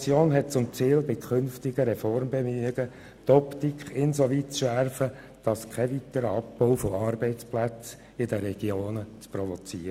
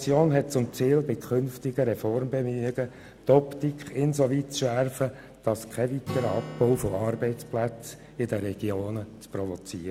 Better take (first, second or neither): first